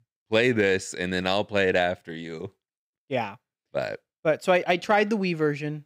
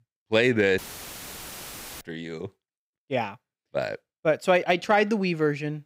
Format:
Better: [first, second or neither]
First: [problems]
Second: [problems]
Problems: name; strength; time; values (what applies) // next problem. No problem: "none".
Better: first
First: none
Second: audio cutting out; filled with static; at 1 s for 1 s